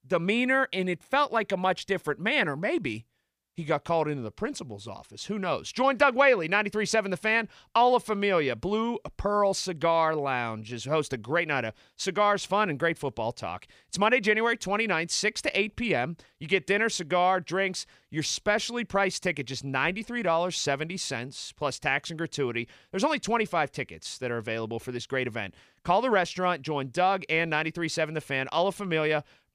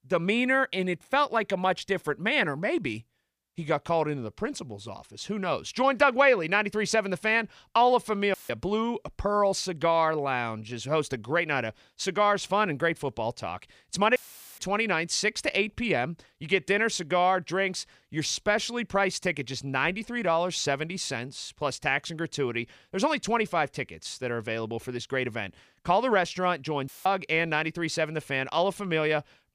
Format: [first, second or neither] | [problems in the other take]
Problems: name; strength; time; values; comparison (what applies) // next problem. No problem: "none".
first | audio cutting out; filled with static; at 8.5 s, at 14 s and at 27 s